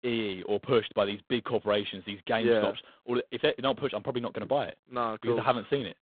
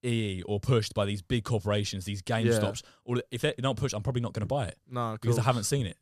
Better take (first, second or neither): second